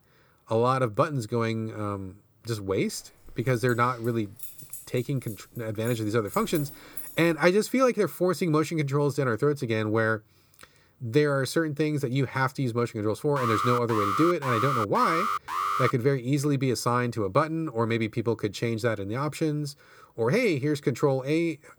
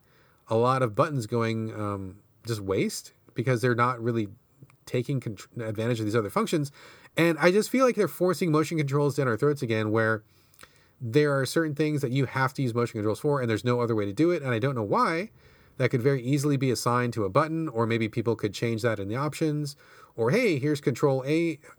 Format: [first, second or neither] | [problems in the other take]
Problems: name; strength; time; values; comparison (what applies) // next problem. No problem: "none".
second | jangling keys; faint; from 3.5 to 7 s; peak 10 dB below the speech // alarm; noticeable; from 13 to 16 s; peak level with the speech